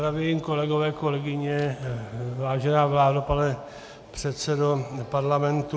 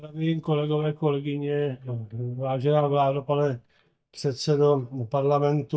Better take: first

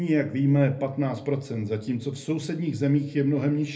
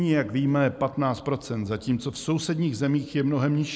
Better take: second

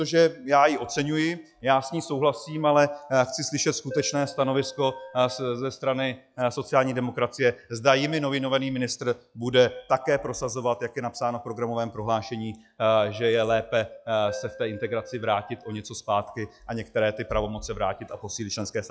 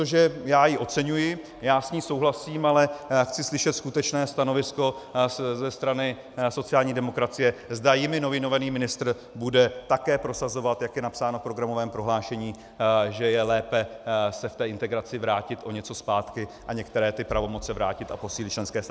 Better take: second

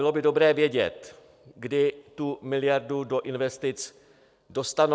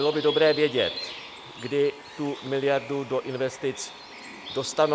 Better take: first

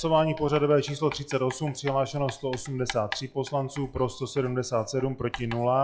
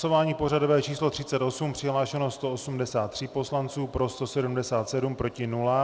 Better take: second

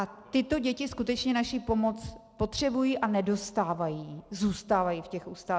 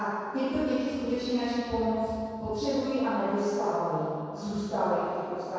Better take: first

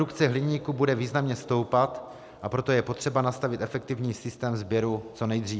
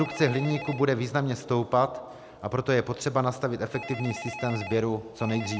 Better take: first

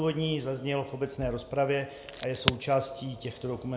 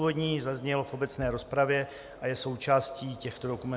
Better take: second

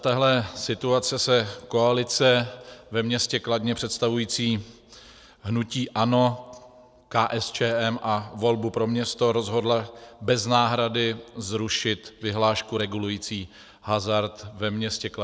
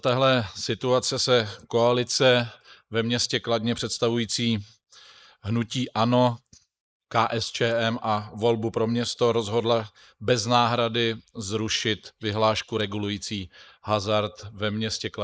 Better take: first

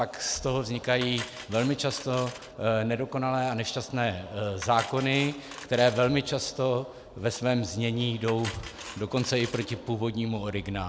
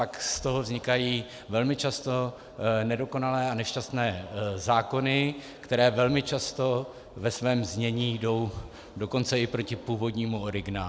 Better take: second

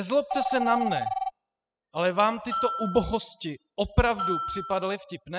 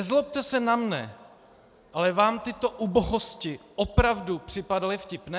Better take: second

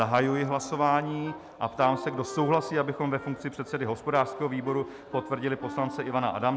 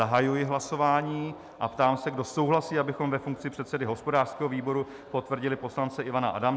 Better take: second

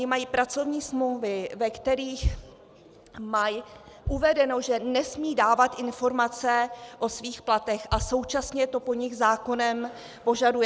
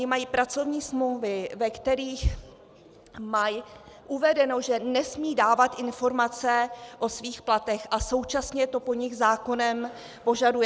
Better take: second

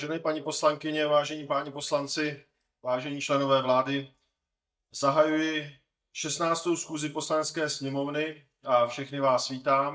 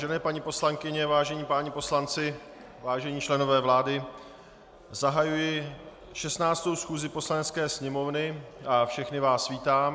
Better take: second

